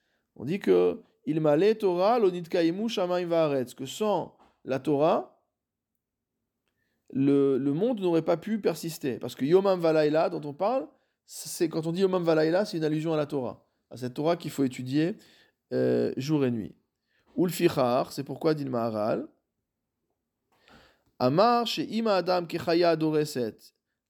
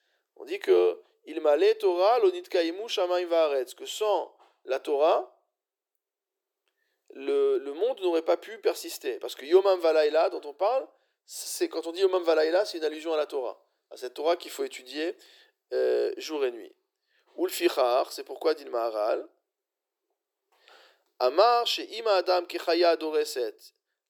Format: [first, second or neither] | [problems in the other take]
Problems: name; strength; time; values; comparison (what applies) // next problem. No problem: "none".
first | thin; very; fading below 350 Hz